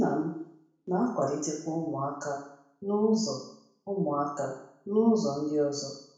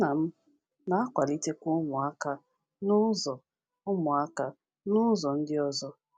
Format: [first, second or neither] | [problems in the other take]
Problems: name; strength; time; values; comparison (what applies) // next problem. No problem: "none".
second | room echo; dies away in 0.6 s